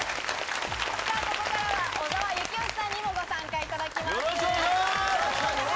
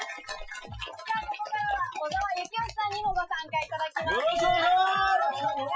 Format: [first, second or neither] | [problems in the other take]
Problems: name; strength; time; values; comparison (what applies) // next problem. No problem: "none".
first | noise reduction (classical method Wiener filter)